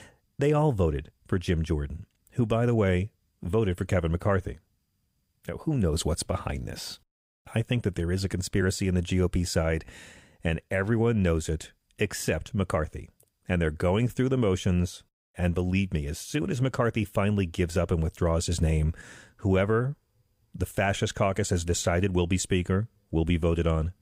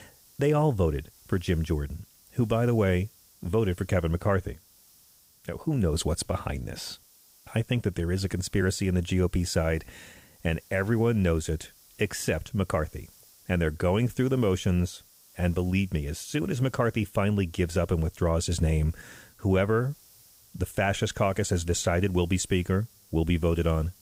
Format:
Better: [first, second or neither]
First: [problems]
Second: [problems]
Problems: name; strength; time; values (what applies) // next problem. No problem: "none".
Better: first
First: none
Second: hiss; faint; throughout; 25 dB below the speech